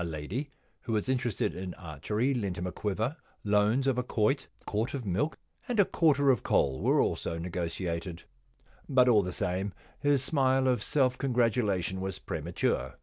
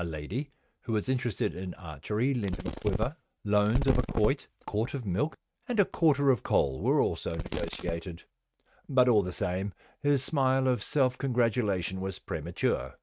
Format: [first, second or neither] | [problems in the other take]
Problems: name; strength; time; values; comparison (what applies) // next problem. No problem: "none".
first | noise reduction (neural mask model RNNoise)